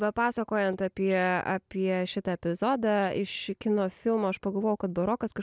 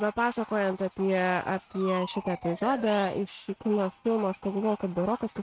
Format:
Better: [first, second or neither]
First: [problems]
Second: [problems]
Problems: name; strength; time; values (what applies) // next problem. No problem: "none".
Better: first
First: none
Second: noise reduction (neural mask model RNNoise)